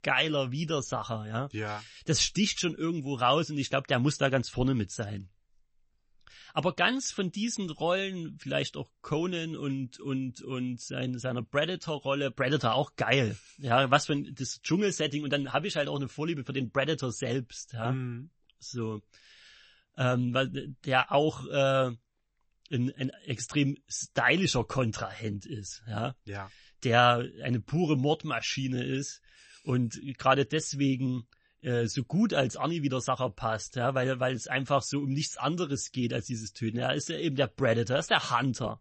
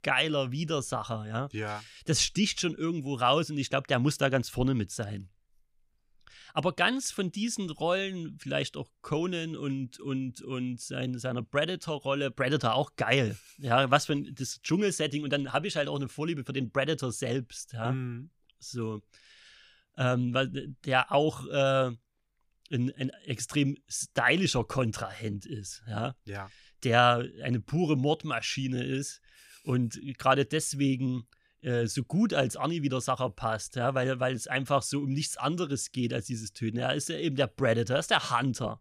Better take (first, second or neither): second